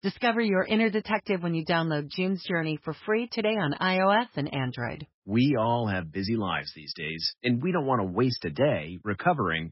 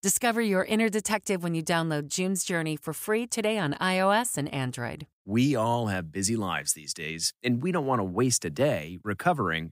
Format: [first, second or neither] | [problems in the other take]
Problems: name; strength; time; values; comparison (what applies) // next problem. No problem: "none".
second | garbled, watery; badly; nothing above 5.5 kHz